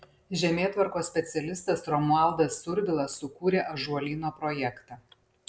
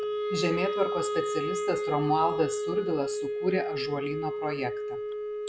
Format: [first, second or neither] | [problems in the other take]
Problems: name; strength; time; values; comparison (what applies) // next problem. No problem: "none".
first | background sound (Wind instrument, woodwind instrument); as loud as the speech